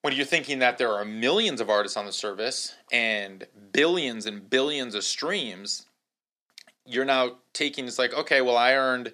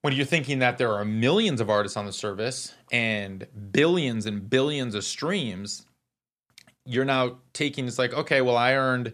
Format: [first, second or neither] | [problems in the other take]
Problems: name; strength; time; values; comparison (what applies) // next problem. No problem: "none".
second | thin; very slightly; fading below 250 Hz